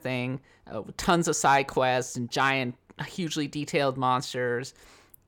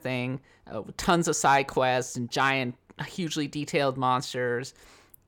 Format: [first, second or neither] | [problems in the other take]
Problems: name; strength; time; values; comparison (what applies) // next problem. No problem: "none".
neither | none